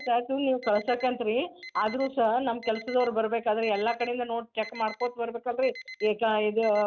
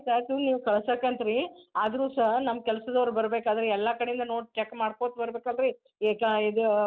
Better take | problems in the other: second | background sound (Alarm); 19 dB below the speech

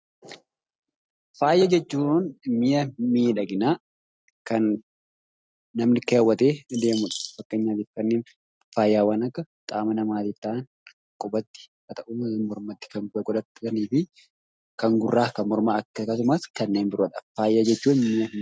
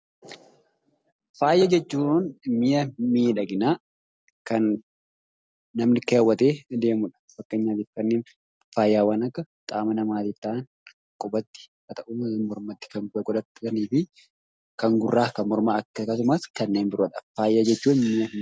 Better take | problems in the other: second | noise reduction (neural mask model RNNoise)

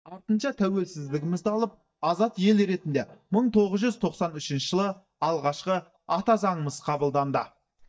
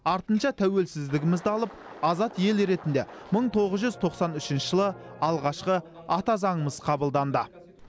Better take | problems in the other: second | noise reduction (neural mask model DeepFilterNet 3)

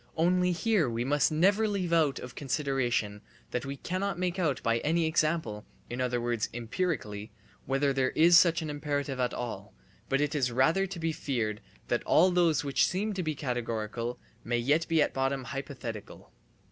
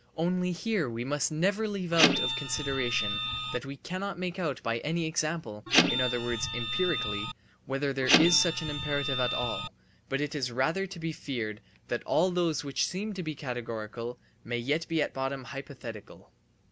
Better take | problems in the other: first | background sound (Printer); 2 dB above the speech

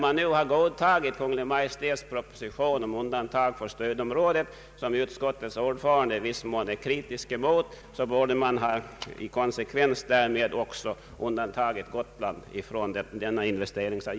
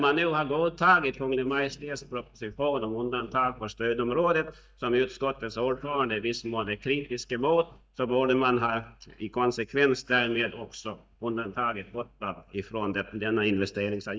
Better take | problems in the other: first | noise reduction (neural mask model DeepFilterNet 3)

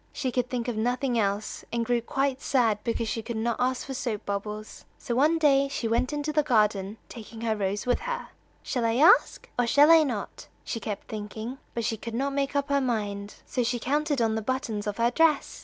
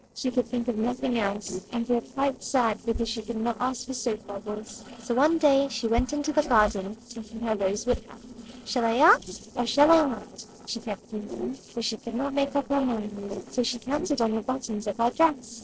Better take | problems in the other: first | noise reduction (neural separator model SepFormer DNS4)

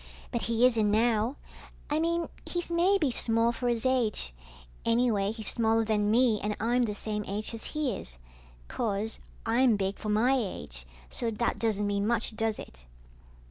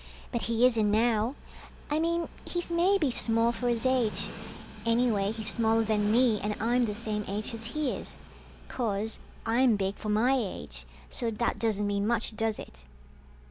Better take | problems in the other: first | background sound (Train); 18 dB below the speech

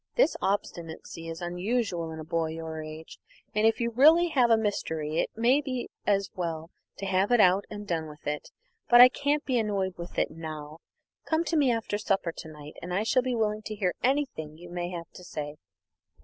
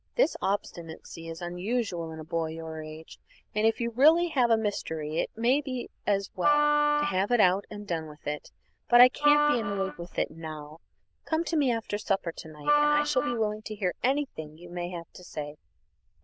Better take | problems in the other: first | noise reduction (neural diffusion model UNIVERSE++)

